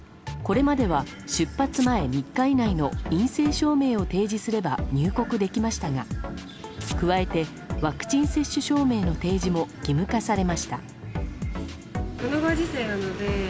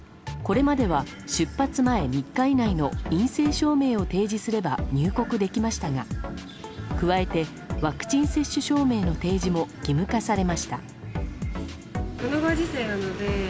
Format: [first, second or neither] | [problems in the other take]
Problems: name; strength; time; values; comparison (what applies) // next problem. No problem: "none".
second | background sound (Domestic sounds, home sounds); 19 dB below the speech